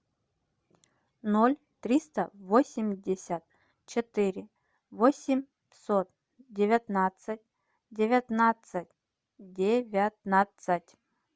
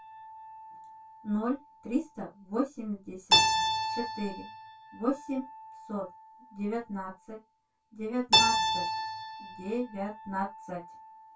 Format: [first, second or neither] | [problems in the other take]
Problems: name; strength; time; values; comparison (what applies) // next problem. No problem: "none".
first | background sound (Keyboard (musical)); 3 dB above the speech // room echo; dies away in 0.2 s